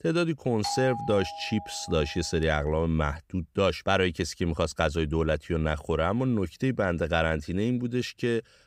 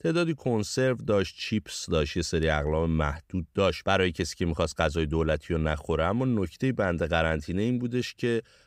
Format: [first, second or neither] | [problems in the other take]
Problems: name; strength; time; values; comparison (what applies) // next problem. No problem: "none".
second | doorbell; noticeable; from 0.5 to 2 s; peak 5 dB below the speech